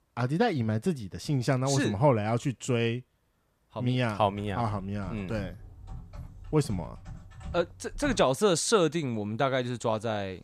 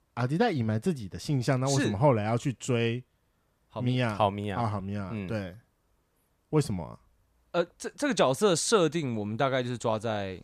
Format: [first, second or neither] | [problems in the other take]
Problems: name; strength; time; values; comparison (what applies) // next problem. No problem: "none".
second | keyboard typing; faint; from 4.5 to 8 s; peak 15 dB below the speech